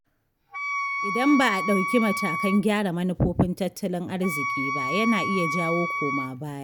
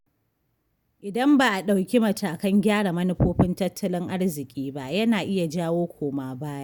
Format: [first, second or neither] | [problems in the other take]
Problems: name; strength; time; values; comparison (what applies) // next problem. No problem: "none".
second | background sound (Wind instrument, woodwind instrument); 4 dB below the speech